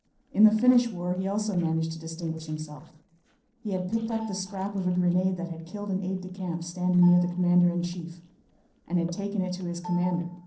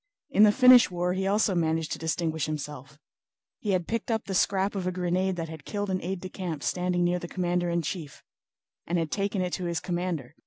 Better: second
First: noise reduction (neural separator model SepFormer DNS4)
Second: none

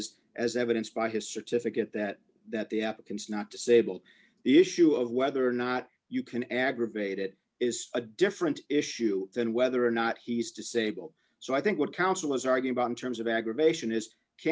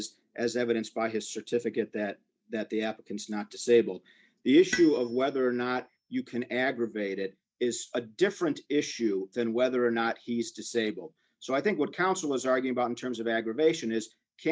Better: first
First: none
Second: noise reduction (neural mask model DeepFilterNet 3)

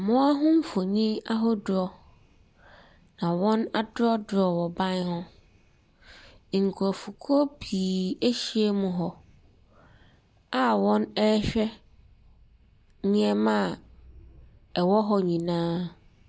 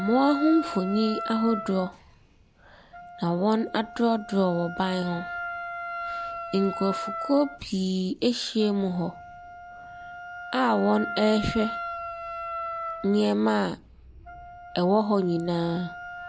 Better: first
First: none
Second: background sound (Wind instrument, woodwind instrument); 10 dB below the speech

